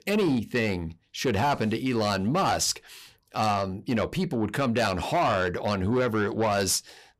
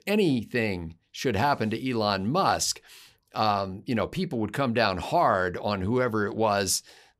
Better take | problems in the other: second | distortion; slight; 10 dB below the speech

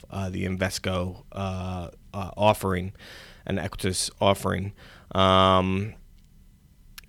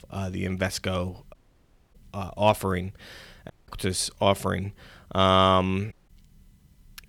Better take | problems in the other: first | audio cutting out; at 1.5 s for 0.5 s, at 3.5 s and at 6 s

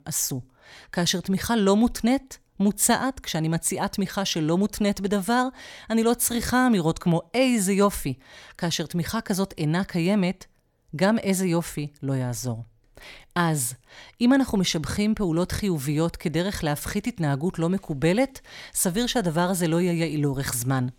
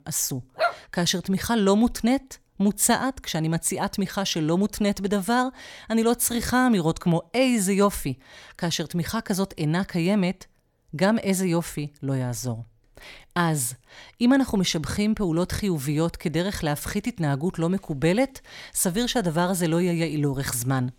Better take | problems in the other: first | dog barking; noticeable; at 0.5 s; peak 2 dB below the speech

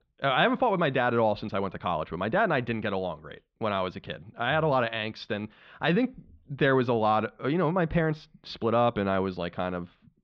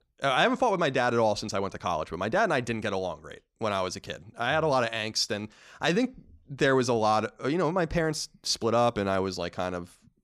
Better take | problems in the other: second | muffled; very; fading above 3.5 kHz

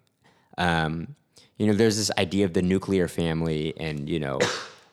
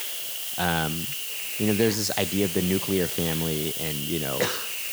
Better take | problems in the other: first | hiss; loud; throughout; 1 dB below the speech

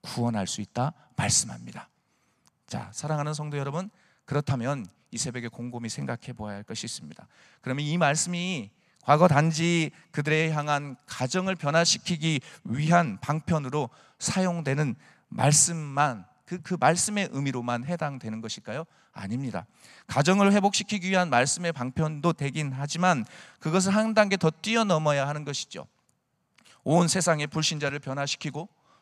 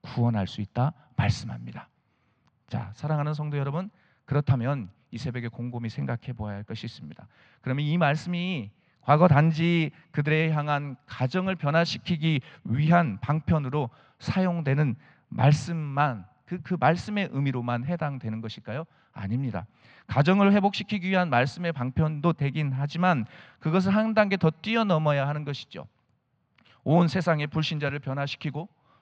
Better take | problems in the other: first | muffled; slightly; fading above 4 kHz

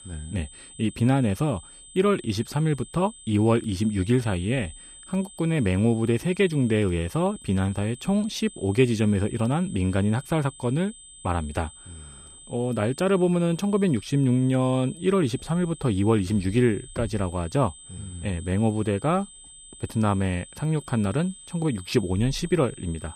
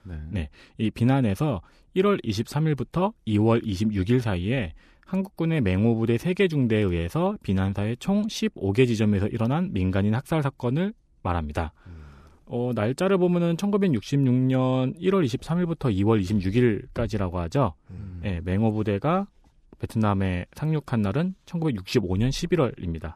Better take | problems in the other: second | high-pitched whine; noticeable; throughout; 8 kHz, 20 dB below the speech

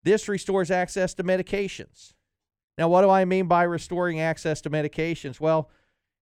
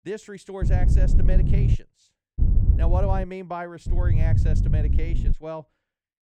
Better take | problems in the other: first | low rumble; loud; from 0.5 to 2 s, at 2.5 s and from 4 to 5.5 s; 4 dB below the speech

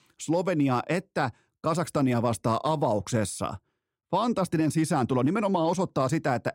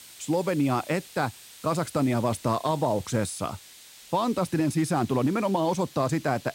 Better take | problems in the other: first | hiss; noticeable; throughout; 20 dB below the speech

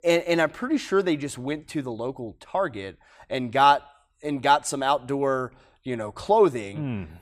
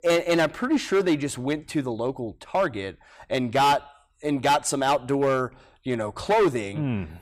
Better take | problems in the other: first | distortion; heavy; 7% of the sound clipped

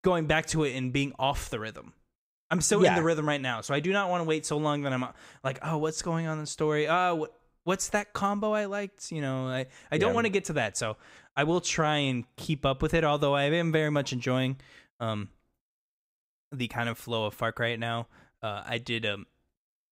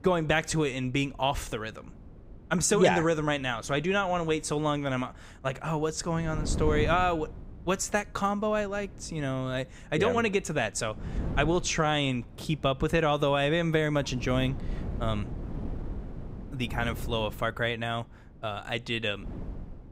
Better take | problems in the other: first | wind noise on the microphone; occasional gusts; 20 dB below the speech

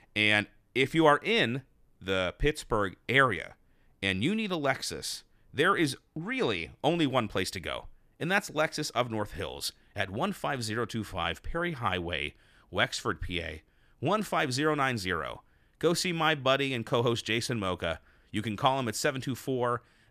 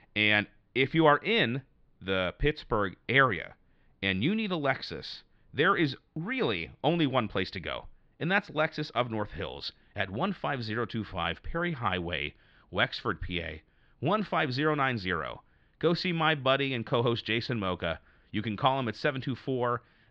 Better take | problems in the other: first | muffled; very slightly; fading above 4 kHz

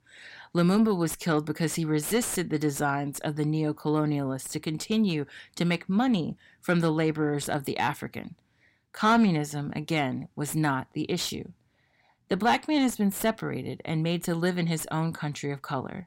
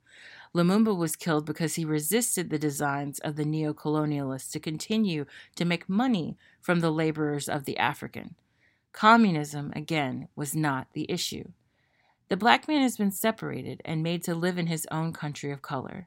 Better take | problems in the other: second | distortion; slight; 10 dB below the speech

